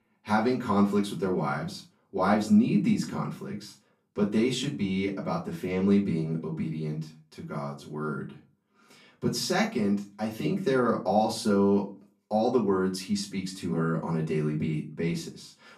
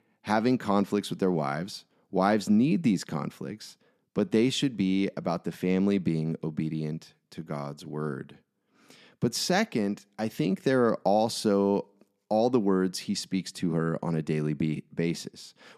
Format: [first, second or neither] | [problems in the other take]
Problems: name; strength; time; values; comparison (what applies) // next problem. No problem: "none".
second | off-mic speech; far // room echo; slight; dies away in 0.3 s